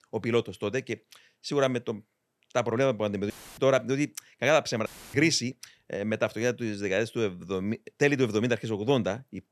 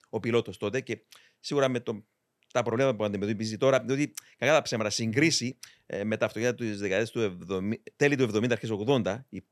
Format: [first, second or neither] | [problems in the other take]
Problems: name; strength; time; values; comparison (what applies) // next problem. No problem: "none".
second | audio cutting out; filled with static; at 3.5 s and at 5 s